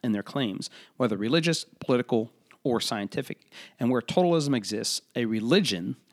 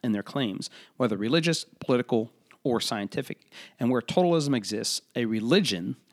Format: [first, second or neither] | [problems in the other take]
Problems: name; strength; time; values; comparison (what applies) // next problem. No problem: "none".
neither | none